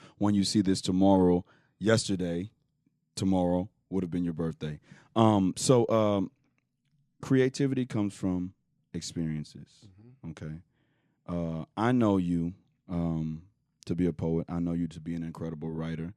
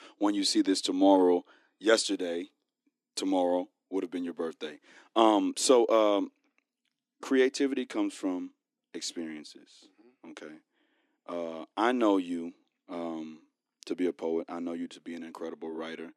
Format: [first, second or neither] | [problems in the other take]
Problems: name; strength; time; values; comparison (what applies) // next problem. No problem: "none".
first | thin; very slightly; fading below 300 Hz